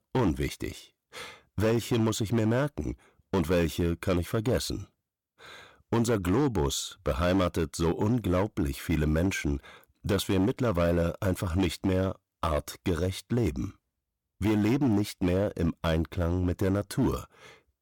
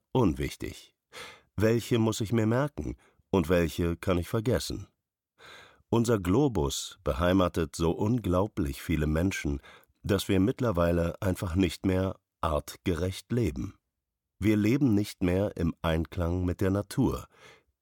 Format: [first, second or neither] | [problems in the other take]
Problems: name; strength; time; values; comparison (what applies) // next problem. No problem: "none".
second | distortion; slight; 8% of the sound clipped